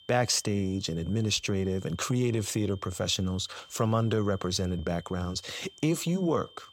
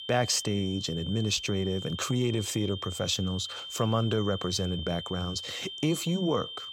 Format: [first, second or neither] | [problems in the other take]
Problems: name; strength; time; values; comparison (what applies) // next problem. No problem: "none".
first | high-pitched whine; loud; throughout; 3 kHz, 8 dB below the speech; faint in the first